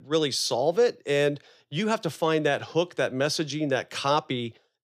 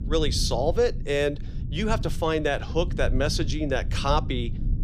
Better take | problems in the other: first | low rumble; noticeable; throughout; 20 dB below the speech

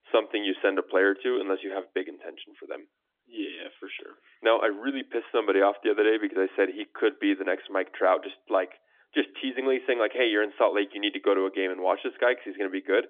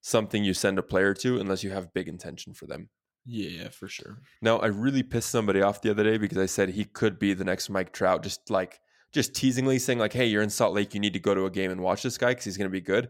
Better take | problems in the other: second | phone-call audio; nothing above 3.5 kHz

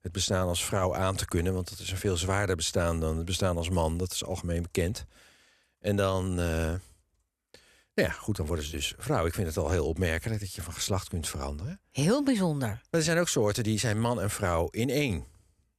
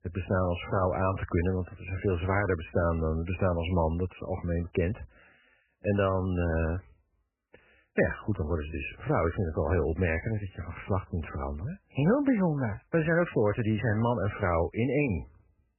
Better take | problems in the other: first | garbled, watery; badly; nothing above 3 kHz

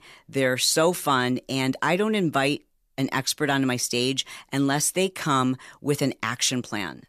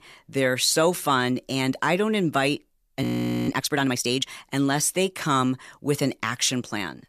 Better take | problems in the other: first | audio freezing; at 3 s

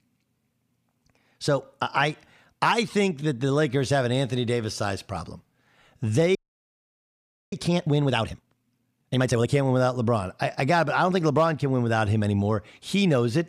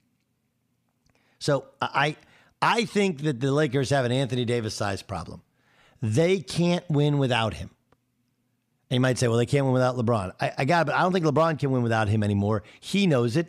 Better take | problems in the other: second | audio freezing; at 6.5 s for 1 s

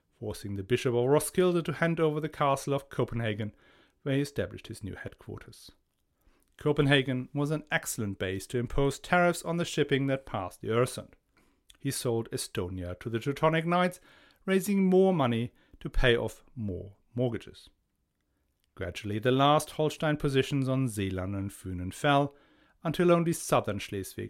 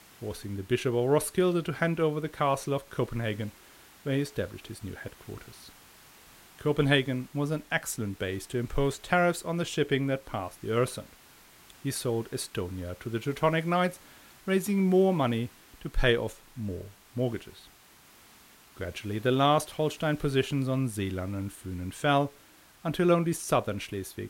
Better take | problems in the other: first | hiss; faint; throughout; 25 dB below the speech

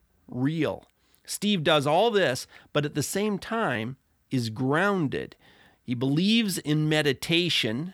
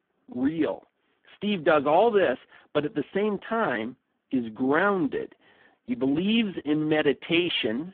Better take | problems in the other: first | phone-call audio; poor line; nothing above 3.5 kHz

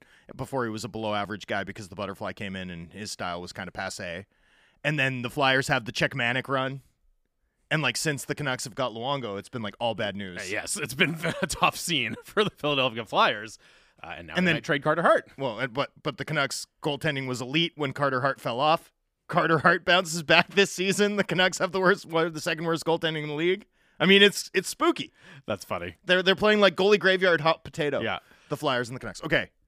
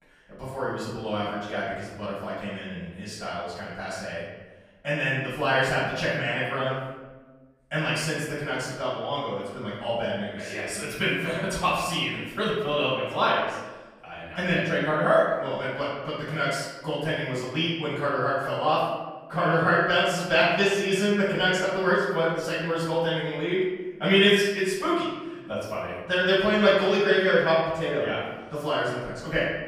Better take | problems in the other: first | off-mic speech; far // room echo; noticeable; dies away in 1.1 s

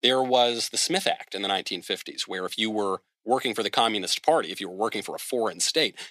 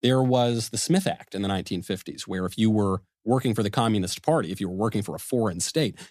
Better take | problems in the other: second | thin; somewhat; fading below 450 Hz

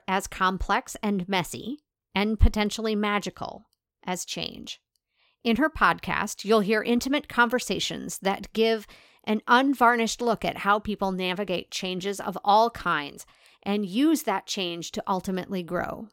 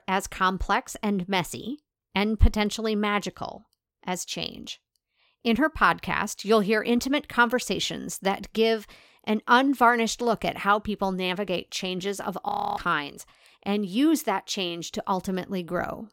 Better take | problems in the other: first | audio freezing; at 12 s

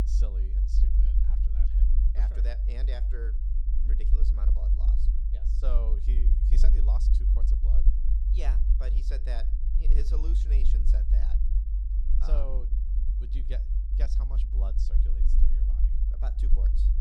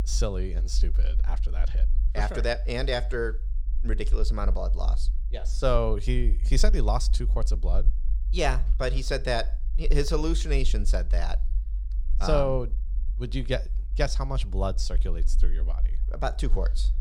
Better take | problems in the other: second | low rumble; loud; throughout; 3 dB below the speech; faint in the second

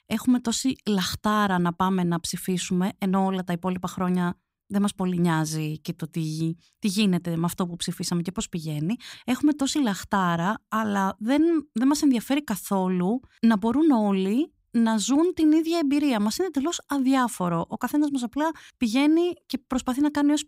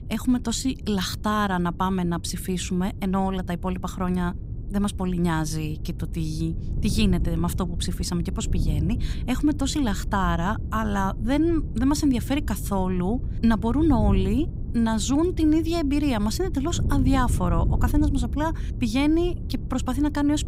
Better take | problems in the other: first | wind noise on the microphone; occasional gusts; 15 dB below the speech

